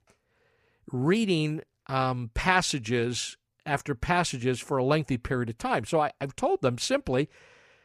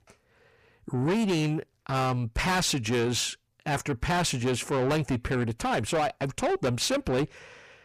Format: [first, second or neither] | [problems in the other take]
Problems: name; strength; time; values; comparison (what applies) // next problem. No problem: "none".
first | distortion; heavy; 7 dB below the speech